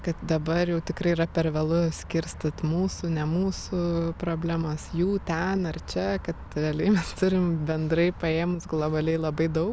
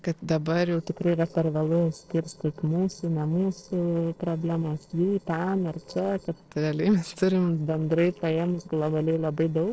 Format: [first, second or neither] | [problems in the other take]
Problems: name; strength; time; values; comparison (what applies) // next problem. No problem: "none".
first | noise reduction (neural separator model SepFormer DNS4)